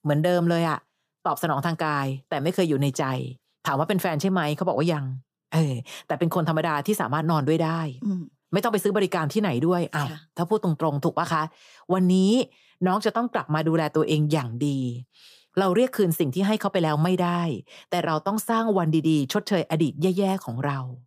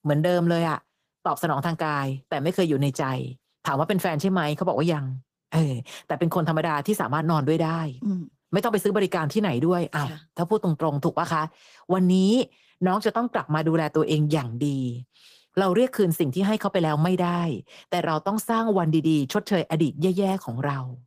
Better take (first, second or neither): first